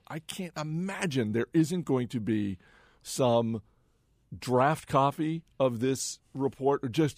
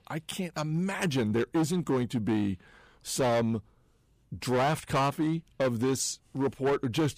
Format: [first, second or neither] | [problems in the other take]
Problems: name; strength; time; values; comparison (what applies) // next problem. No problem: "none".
first | distortion; heavy; 10% of the sound clipped